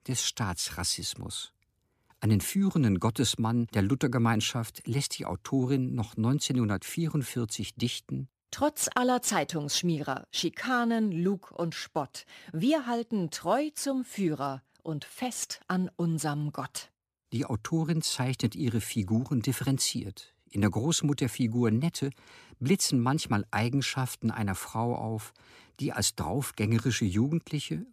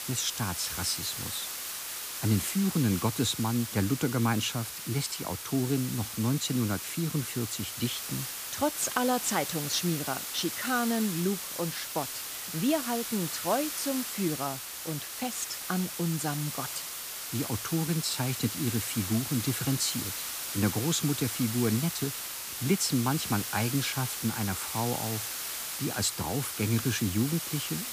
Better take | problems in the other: first | hiss; loud; throughout; 3 dB below the speech

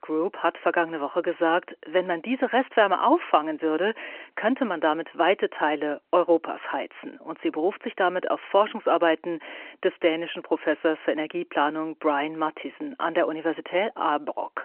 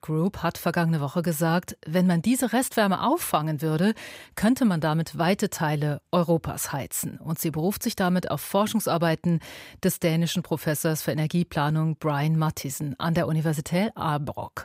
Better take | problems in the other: second | phone-call audio

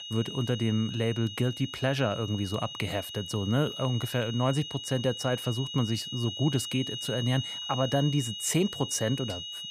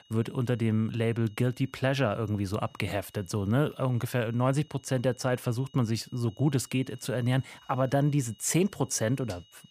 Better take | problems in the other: second | high-pitched whine; loud; throughout; 3 kHz, 7 dB below the speech; faint in the second

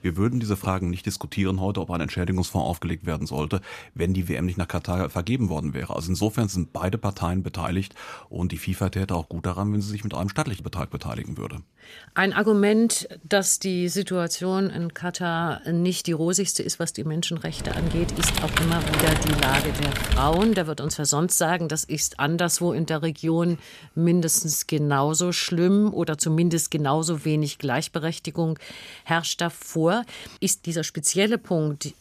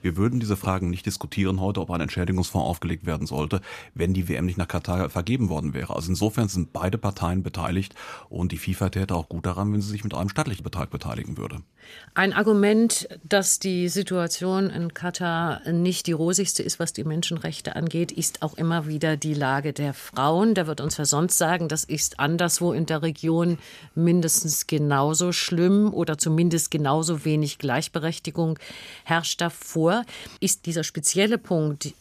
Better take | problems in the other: second | keyboard typing; loud; from 18 to 21 s; peak 2 dB above the speech

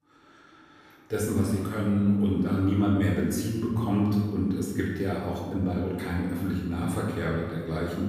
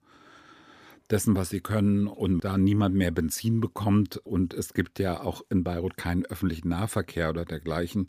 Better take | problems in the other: second | room echo; noticeable; dies away in 1.5 s // off-mic speech; far

